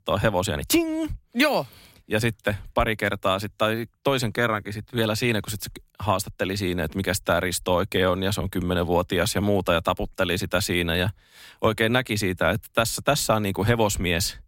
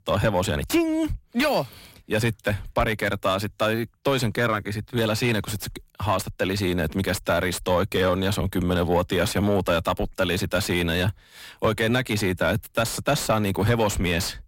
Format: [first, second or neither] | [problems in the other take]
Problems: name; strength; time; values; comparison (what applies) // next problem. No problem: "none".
first | distortion; slight; 10 dB below the speech